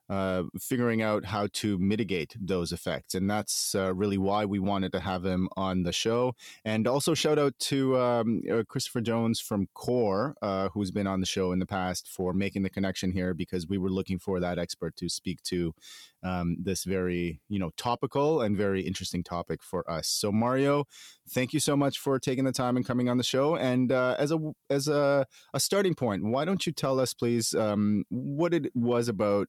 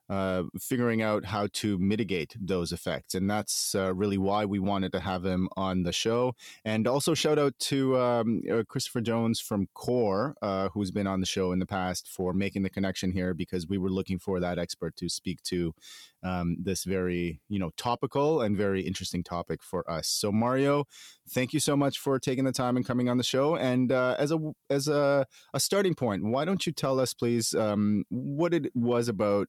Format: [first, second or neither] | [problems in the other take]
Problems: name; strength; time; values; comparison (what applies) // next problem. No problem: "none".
neither | none